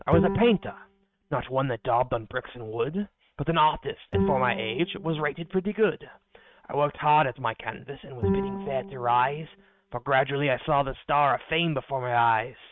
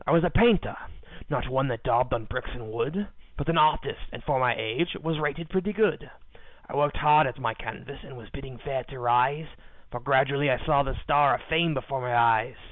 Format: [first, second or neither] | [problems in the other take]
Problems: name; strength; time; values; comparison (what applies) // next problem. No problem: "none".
second | noise reduction (neural mask model RNNoise)